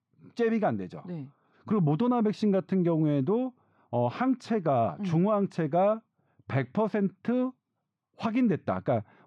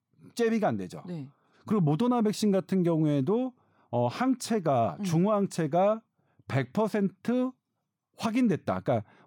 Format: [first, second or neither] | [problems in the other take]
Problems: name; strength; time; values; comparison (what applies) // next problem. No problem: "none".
second | muffled; slightly; fading above 3 kHz